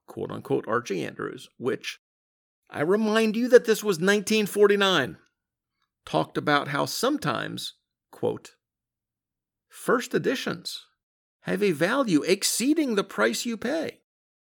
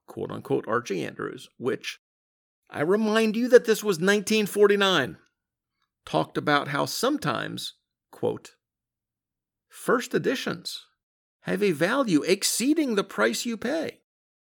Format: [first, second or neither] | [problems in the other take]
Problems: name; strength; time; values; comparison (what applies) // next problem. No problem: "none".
neither | none